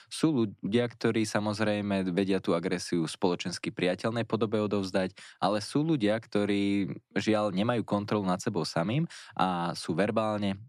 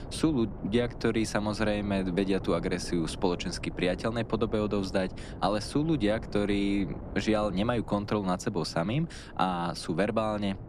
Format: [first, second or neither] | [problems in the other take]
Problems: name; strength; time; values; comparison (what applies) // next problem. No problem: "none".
first | wind noise on the microphone; occasional gusts; 15 dB below the speech